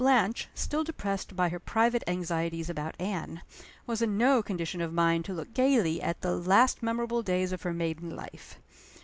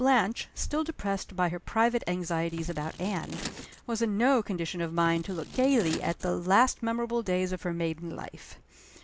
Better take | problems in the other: first | background sound (Scissors); 15 dB below the speech

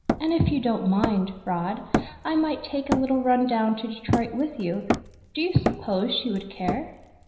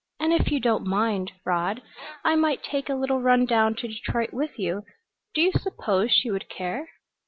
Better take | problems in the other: second | background sound (Hammer); 6 dB below the speech // room echo; dies away in 0.9 s

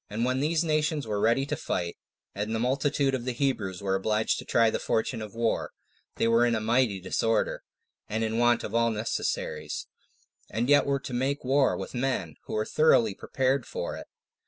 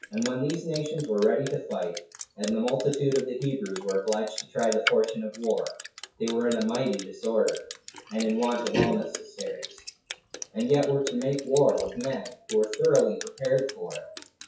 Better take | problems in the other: first | noise reduction (classical method WPE with log-MMSE)

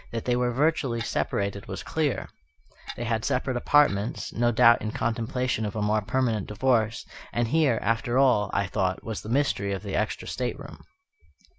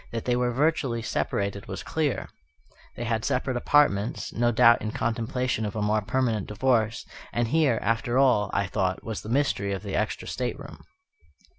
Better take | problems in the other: second | background sound (Clock); 19 dB below the speech

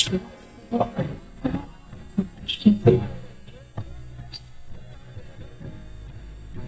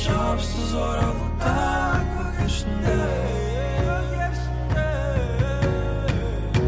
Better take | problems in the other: second | noise reduction (neural mask model DeepFilterNet 3)

